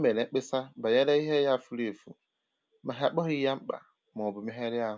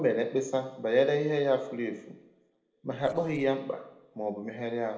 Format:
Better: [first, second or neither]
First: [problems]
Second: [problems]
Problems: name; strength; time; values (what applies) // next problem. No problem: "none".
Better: first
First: none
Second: noise reduction (neural separator model SepFormer DNS4)